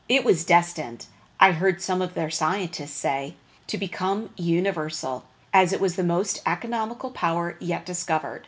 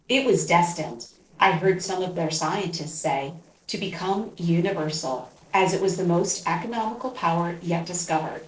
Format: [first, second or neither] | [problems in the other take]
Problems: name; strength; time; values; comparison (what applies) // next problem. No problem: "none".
first | noise reduction (neural separator model SepFormer DNS4)